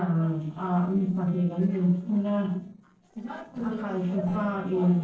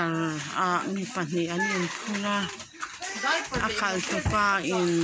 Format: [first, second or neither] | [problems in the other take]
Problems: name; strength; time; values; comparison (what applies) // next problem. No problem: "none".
second | noise reduction (neural separator model SepFormer DNS4)